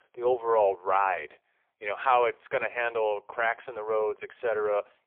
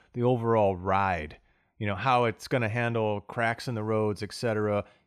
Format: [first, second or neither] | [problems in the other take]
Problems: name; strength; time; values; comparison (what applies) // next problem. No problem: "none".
second | phone-call audio; poor line